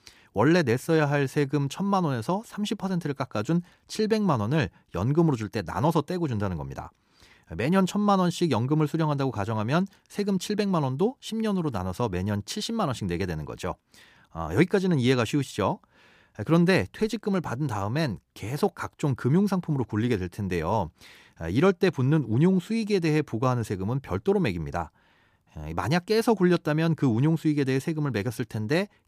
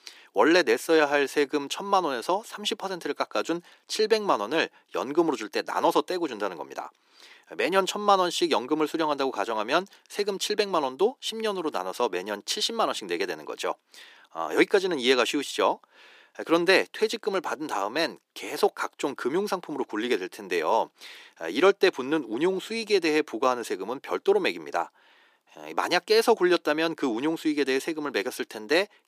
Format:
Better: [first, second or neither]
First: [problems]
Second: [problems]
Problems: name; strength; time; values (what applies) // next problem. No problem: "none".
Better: first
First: none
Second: thin; very; fading below 350 Hz